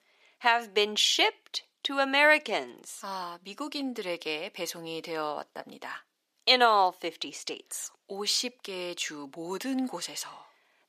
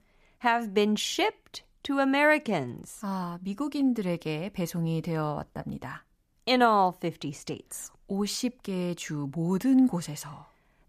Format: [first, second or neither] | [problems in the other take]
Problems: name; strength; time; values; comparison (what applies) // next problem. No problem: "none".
second | thin; somewhat; fading below 350 Hz